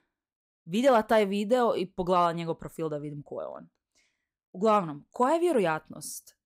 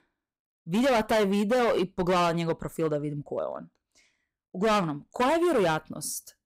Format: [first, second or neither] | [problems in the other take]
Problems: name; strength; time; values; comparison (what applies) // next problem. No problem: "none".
first | distortion; heavy; 13% of the sound clipped